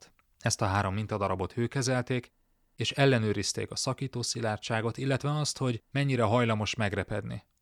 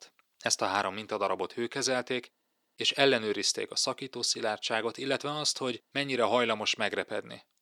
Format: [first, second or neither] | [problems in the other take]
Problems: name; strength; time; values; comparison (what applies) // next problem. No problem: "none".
first | thin; somewhat; fading below 350 Hz